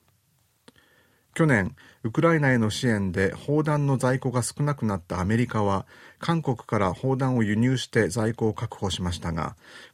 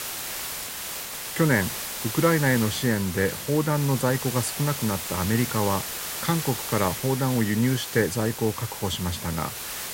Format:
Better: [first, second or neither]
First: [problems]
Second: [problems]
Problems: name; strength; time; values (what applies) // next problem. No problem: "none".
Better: first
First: none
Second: hiss; loud; throughout; 6 dB below the speech